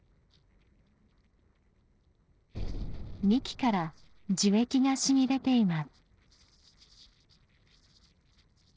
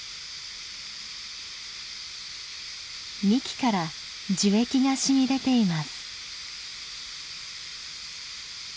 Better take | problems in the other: second | noise reduction (neural separator model SepFormer DNS4)

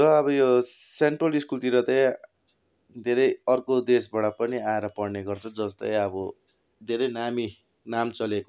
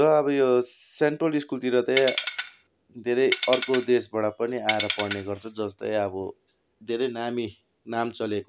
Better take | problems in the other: first | background sound (Tools); 5 dB below the speech

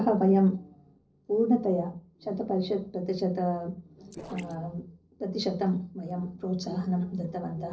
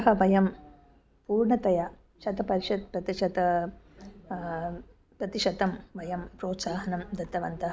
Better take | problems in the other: second | noise reduction (neural separator model SepFormer DNS4)

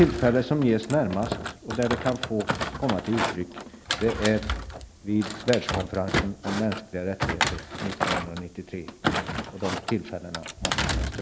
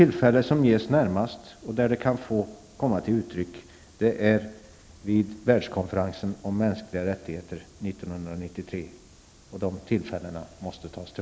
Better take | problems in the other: second | background sound (Thump, thud); 3 dB below the speech

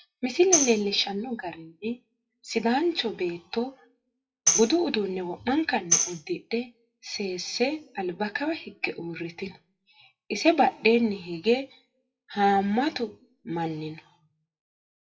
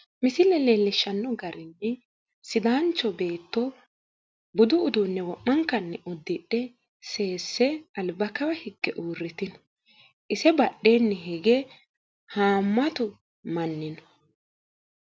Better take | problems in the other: second | noise reduction (classical method WPE with log-MMSE)

